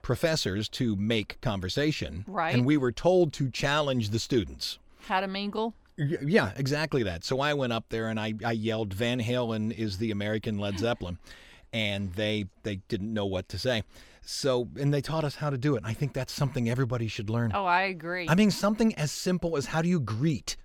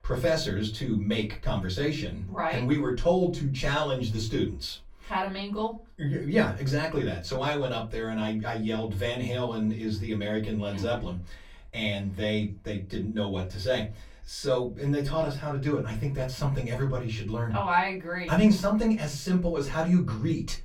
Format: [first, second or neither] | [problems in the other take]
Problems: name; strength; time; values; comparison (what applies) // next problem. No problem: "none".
first | off-mic speech; far // room echo; very slight; dies away in 0.3 s